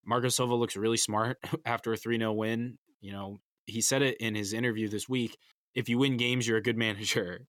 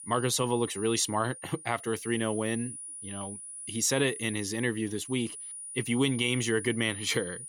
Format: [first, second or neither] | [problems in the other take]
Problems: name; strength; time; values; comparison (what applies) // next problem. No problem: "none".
first | high-pitched whine; loud; throughout; 10 kHz, 10 dB below the speech